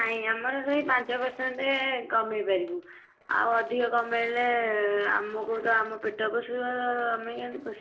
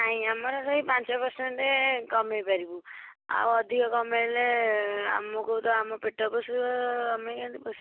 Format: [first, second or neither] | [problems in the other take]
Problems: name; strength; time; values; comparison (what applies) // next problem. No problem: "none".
second | noise reduction (neural separator model SepFormer DNS4)